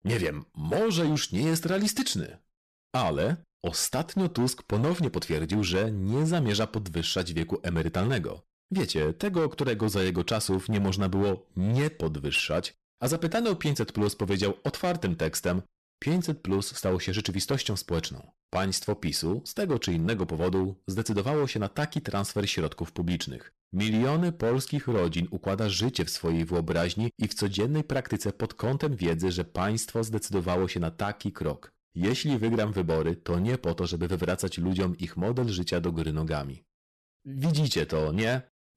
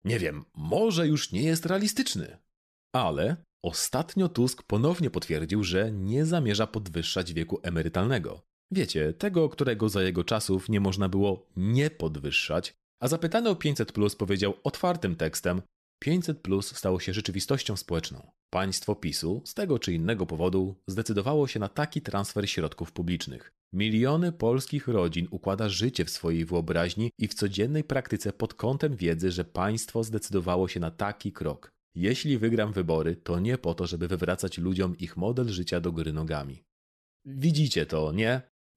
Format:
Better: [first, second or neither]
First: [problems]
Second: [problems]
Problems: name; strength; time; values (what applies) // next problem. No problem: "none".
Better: second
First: distortion; slight; 10% of the sound clipped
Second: none